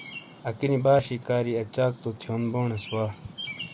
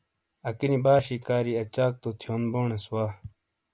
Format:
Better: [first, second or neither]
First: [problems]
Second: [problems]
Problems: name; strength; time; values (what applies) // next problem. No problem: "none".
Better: second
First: background sound (Bird vocalization, bird call, bird song); 16 dB below the speech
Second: none